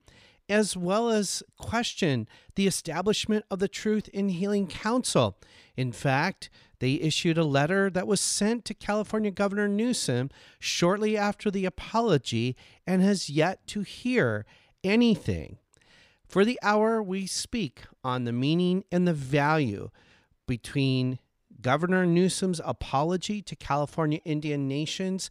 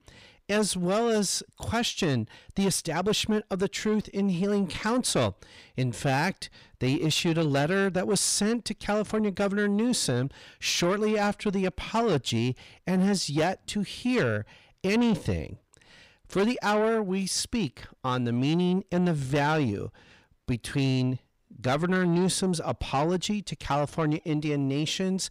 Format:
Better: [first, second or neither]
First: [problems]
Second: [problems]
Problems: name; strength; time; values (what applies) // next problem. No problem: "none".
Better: first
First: none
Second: distortion; slight; 10 dB below the speech